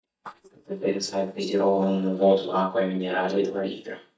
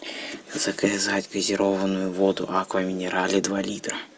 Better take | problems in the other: second | noise reduction (neural mask model DeepFilterNet 3)

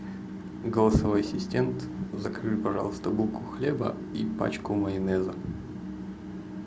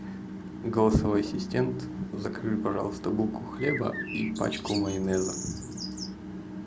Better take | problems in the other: first | background sound (Bird); 10 dB below the speech

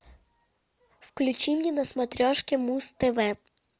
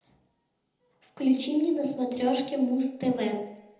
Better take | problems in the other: first | room echo; dies away in 0.8 s

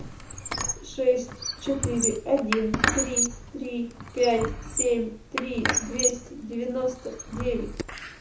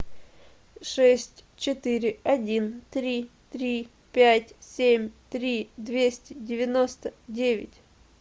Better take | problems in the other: second | background sound (Squeak); 2 dB below the speech // room echo; dies away in 0.6 s

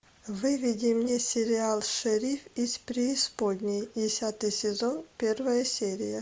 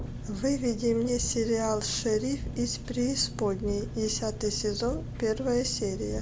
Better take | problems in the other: first | background sound (Engine); 8 dB below the speech

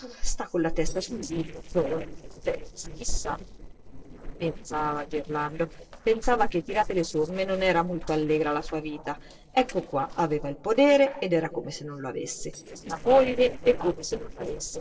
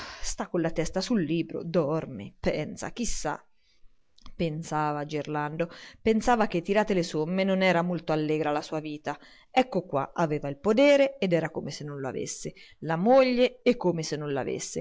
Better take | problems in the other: second | noise reduction (neural separator model SepFormer DNS4)

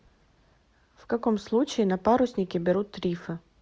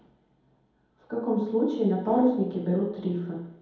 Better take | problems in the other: first | room echo; dies away in 1.9 s

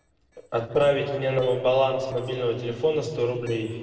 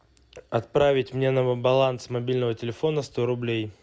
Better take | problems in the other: second | noise reduction (neural separator model SepFormer DNS4)

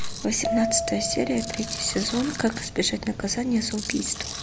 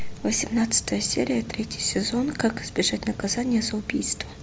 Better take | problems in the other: second | background sound (Tools + Bell); 7 dB below the speech

